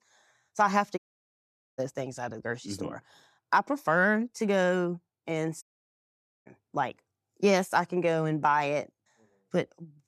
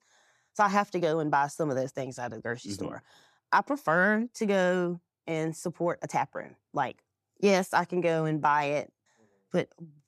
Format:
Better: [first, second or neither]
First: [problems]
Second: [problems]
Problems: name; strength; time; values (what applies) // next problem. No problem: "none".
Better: second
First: audio cutting out; at 1 s for 1 s and at 5.5 s for 1 s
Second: none